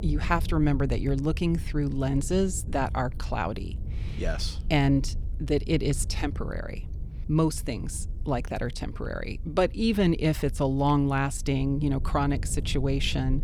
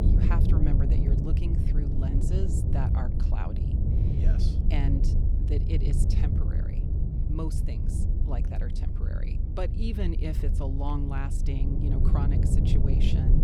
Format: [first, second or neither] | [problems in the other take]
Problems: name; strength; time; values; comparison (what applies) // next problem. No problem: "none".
first | low rumble; loud; throughout; as loud as the speech; faint in the first